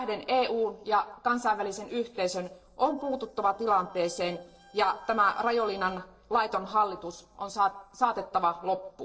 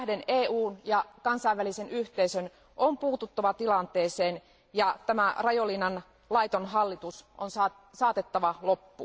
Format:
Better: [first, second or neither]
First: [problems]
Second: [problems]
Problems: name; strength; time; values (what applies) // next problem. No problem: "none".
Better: second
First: noise reduction (neural separator model SepFormer DNS4)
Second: none